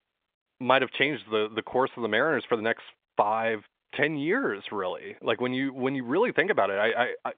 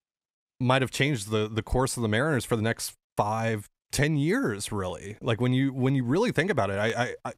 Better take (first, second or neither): second